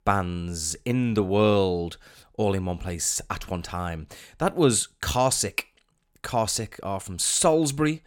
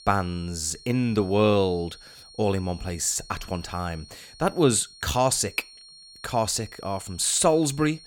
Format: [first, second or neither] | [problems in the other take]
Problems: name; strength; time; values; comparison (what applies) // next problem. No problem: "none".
first | high-pitched whine; faint; throughout; 4.5 kHz, 20 dB below the speech